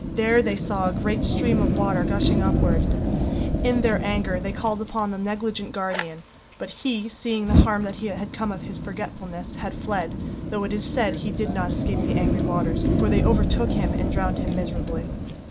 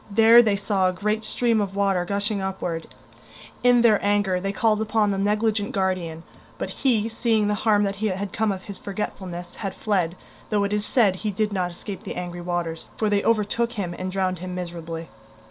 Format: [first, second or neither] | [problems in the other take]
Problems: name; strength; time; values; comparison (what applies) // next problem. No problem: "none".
second | background sound (Fire); 3 dB above the speech